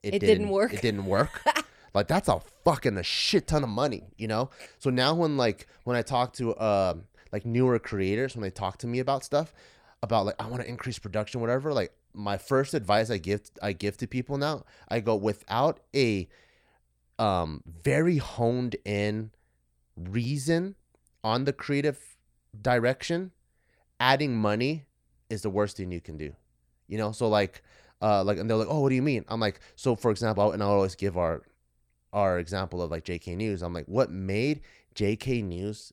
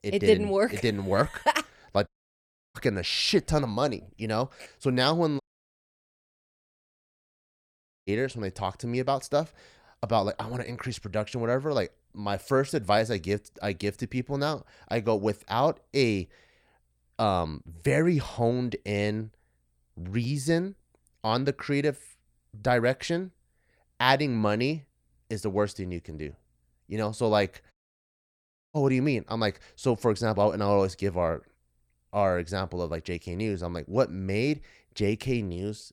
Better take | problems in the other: first | audio cutting out; at 2 s for 0.5 s, at 5.5 s for 2.5 s and at 28 s for 1 s

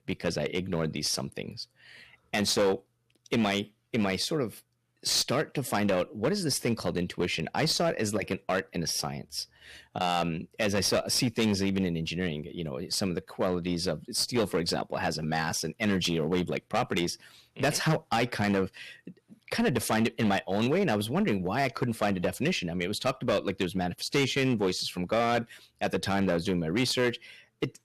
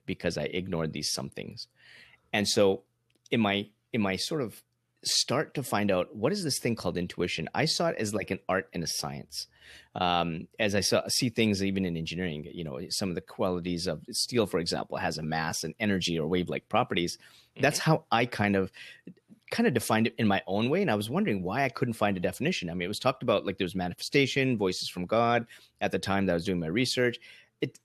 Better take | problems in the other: second | distortion; slight; 6% of the sound clipped

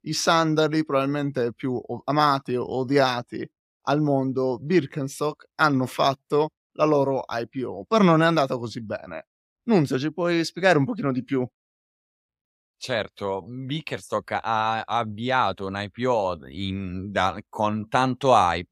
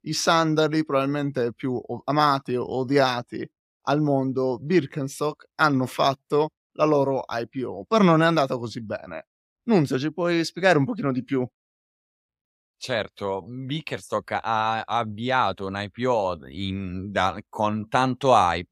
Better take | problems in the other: neither | none

